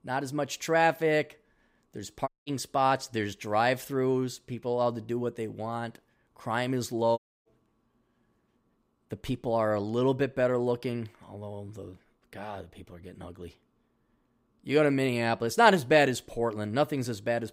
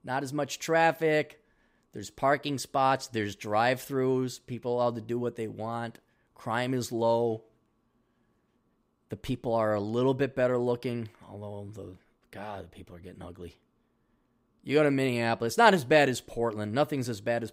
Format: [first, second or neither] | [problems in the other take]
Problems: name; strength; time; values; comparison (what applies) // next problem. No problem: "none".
second | audio cutting out; at 2.5 s and at 7 s